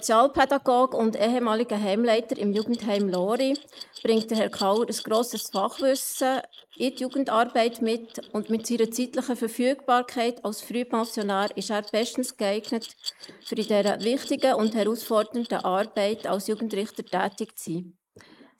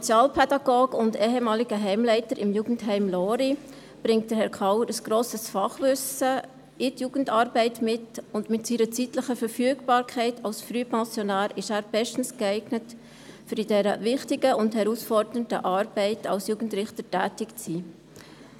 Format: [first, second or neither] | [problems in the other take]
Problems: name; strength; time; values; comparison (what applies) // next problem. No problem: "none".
second | noise reduction (neural mask model Resemble Enhance denoiser)